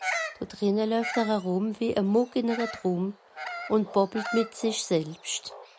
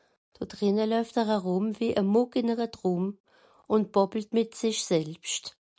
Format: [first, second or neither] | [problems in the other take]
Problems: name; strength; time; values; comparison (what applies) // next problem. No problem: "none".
second | background sound (Bird vocalization, bird call, bird song); 10 dB below the speech